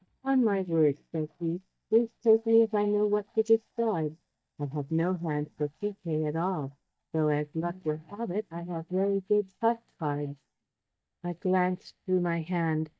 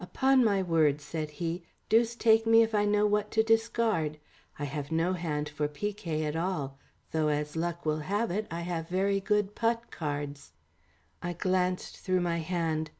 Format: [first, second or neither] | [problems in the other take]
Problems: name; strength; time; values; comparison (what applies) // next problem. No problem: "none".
second | noise reduction (neural mask model DeepFilterNet 3)